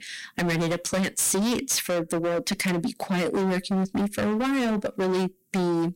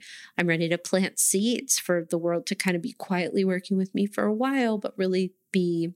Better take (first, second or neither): second